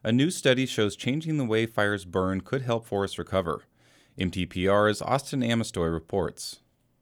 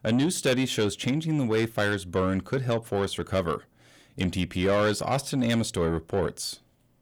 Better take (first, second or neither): first